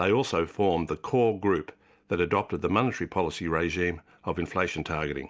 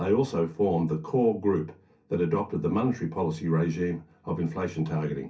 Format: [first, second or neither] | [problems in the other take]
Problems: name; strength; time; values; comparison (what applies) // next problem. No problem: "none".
first | room echo; dies away in 0.3 s